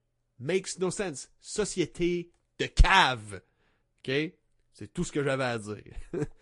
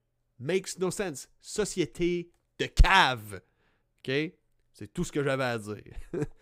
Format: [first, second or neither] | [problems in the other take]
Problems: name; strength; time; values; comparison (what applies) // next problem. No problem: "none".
second | garbled, watery; slightly; nothing above 9.5 kHz